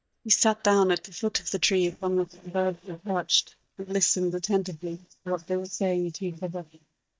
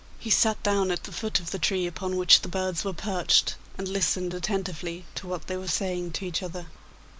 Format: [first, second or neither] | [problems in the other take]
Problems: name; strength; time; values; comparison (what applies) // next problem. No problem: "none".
second | noise reduction (neural mask model DeepFilterNet 3)